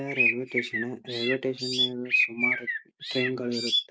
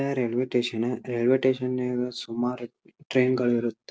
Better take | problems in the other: second | noise reduction (neural mask model Resemble Enhance denoiser)

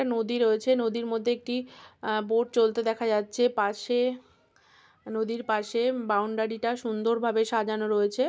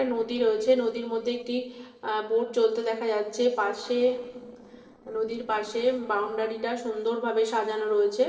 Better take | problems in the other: first | noise reduction (neural separator model SepFormer DNS4)

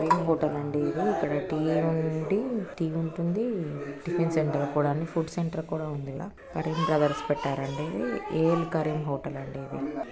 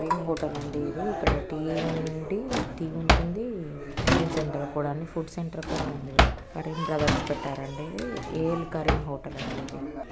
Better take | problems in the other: first | background sound (Drawer open or close); 1 dB above the speech

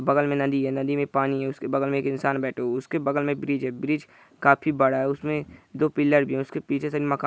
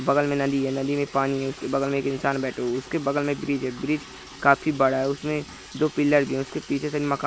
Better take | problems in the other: first | background sound (Liquid); 18 dB below the speech

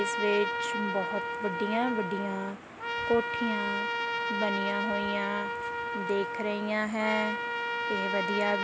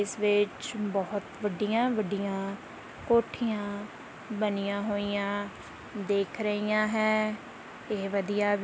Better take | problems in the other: second | background sound (Trumpet); 1 dB below the speech

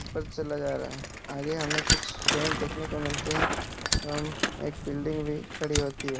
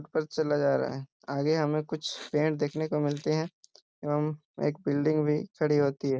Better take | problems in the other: second | background sound (Fire + Bicycle); 2 dB above the speech

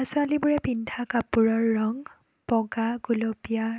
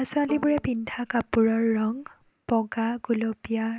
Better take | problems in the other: first | background sound (Bowed string instrument); 19 dB below the speech

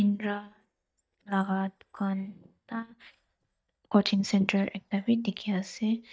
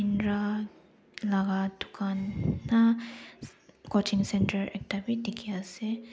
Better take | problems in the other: second | noise reduction (neural mask model DeepFilterNet 3)

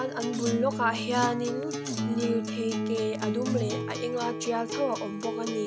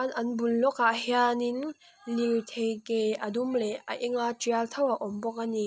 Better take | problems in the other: second | background sound (Acoustic guitar); 2 dB below the speech

